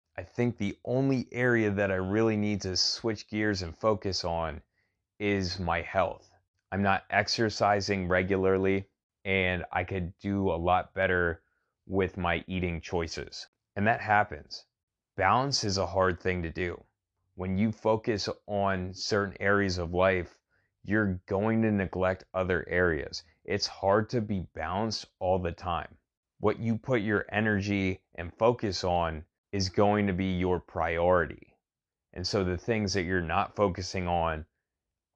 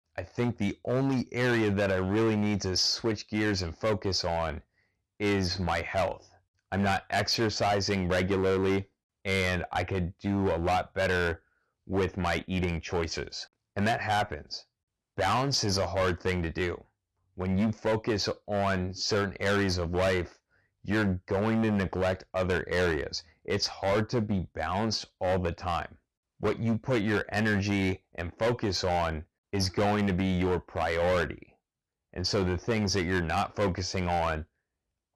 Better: first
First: none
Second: distortion; heavy; 11% of the sound clipped

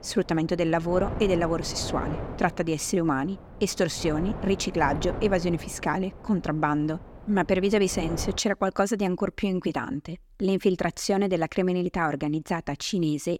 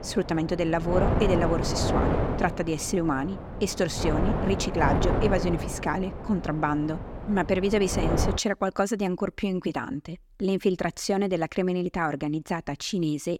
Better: first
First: wind noise on the microphone; occasional gusts; until 8.5 s; 15 dB below the speech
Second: wind noise on the microphone; heavy; until 8.5 s; 4 dB below the speech

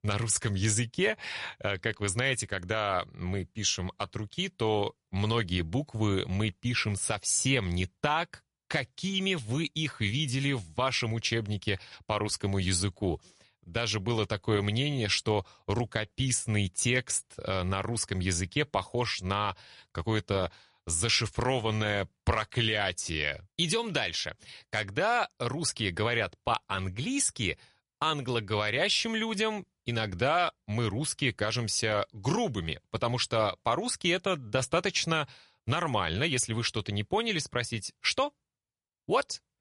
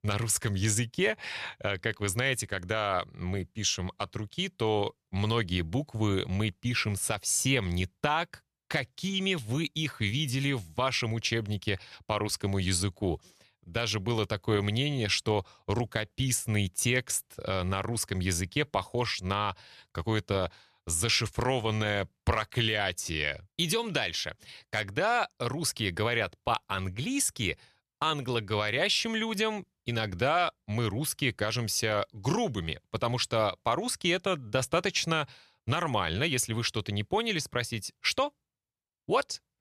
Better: second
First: garbled, watery; slightly; nothing above 10.5 kHz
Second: none

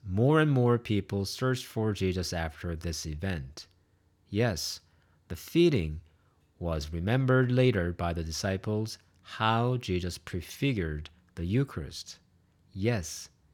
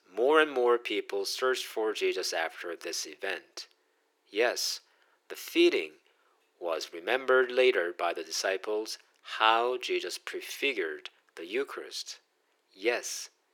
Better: first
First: none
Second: thin; very; fading below 350 Hz

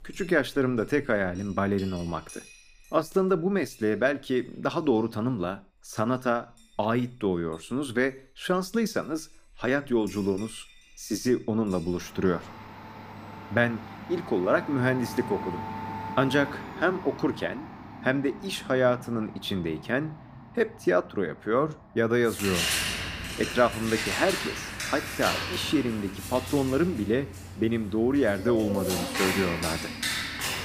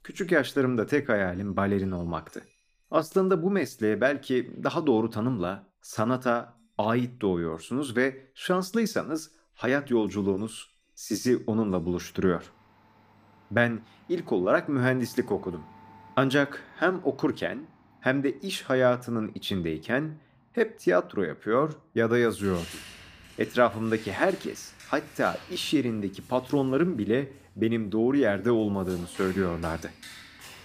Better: second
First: household noises; loud; throughout; 6 dB below the speech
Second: household noises; faint; throughout; 20 dB below the speech

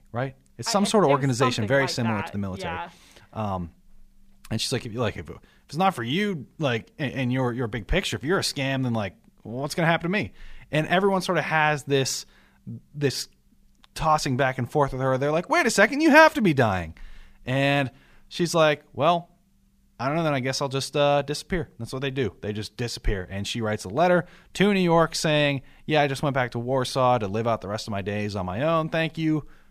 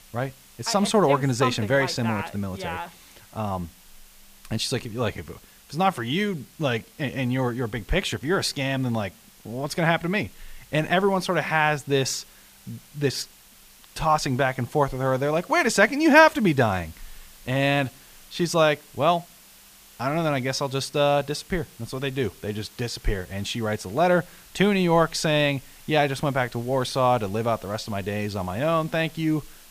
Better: first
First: none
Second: hiss; faint; throughout; 25 dB below the speech

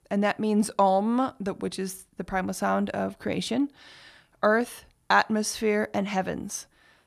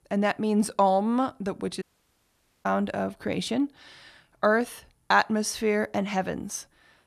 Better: first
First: none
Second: audio cutting out; at 2 s for 1 s

